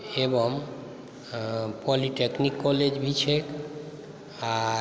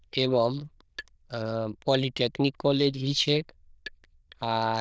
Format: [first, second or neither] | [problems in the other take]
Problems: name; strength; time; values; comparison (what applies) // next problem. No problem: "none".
first | noise reduction (neural diffusion model UNIVERSE++)